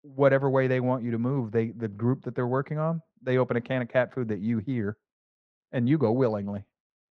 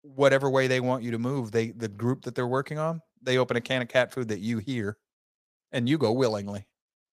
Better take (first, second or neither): second